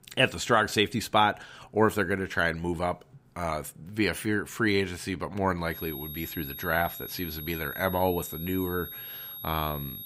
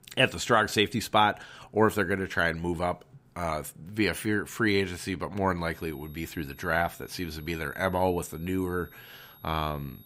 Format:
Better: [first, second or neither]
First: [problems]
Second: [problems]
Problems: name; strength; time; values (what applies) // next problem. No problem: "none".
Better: second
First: high-pitched whine; loud; from 5.5 s on; 11.5 kHz, 9 dB below the speech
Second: high-pitched whine; faint; from 5.5 s on; 11.5 kHz, 25 dB below the speech